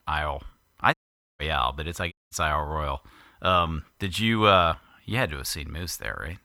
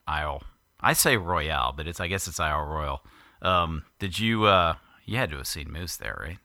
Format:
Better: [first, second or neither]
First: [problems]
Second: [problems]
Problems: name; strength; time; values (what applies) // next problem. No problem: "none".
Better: second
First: audio cutting out; at 1 s and at 2 s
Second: none